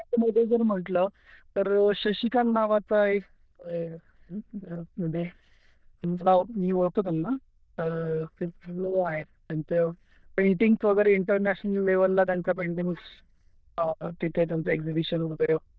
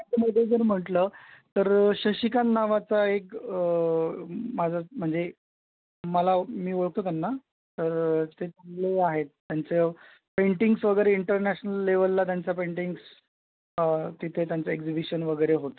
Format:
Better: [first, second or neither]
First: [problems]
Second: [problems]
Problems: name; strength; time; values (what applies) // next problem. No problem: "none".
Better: second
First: noise reduction (neural diffusion model UNIVERSE++)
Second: none